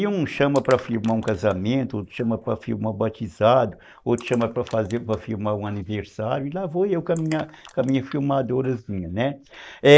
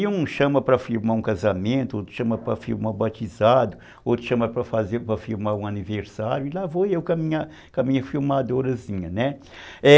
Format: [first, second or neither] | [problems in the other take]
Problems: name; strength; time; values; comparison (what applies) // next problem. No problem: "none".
second | noise reduction (neural mask model Resemble Enhance denoiser)